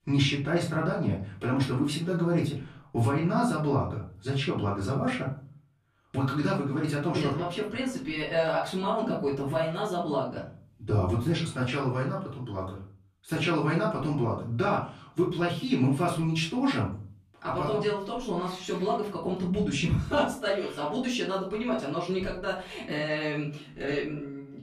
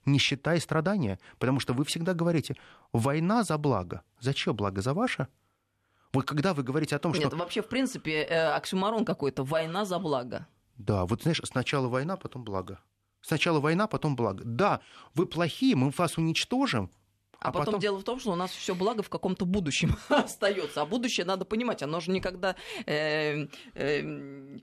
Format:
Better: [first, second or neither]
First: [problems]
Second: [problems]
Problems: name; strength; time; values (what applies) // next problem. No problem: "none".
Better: second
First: off-mic speech; far // room echo; slight; dies away in 0.5 s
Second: none